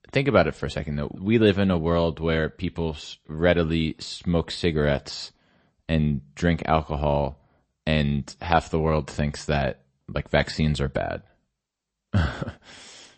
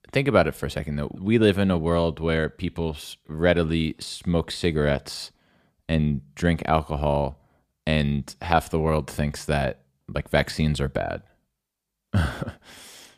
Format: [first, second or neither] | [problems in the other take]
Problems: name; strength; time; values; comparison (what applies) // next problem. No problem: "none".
second | garbled, watery; slightly; nothing above 8 kHz